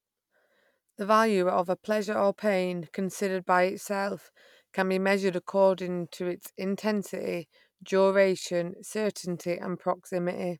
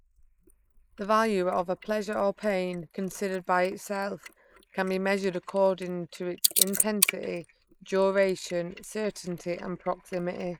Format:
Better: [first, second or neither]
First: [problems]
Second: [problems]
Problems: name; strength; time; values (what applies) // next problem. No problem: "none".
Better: first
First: none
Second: noise reduction (neural mask model Resemble Enhance denoiser)